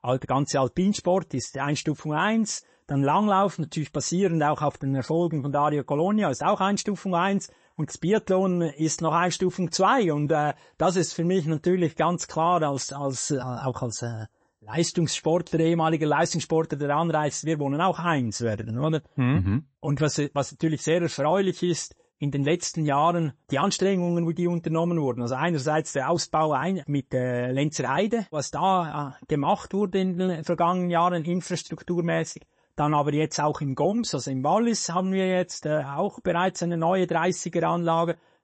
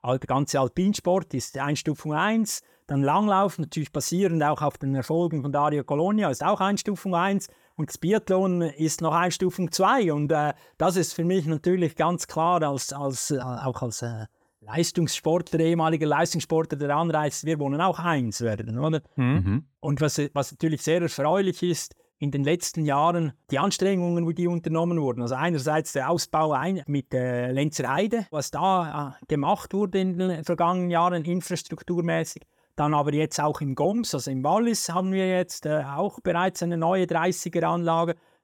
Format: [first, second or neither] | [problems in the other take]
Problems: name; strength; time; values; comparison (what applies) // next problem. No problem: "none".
second | garbled, watery; slightly; nothing above 8 kHz